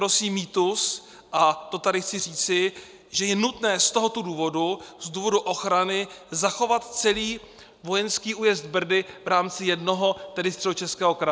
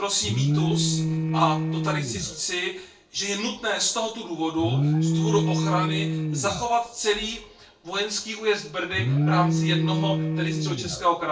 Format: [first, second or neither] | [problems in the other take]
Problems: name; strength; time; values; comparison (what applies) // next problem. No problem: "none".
first | noise reduction (neural separator model SepFormer DNS4)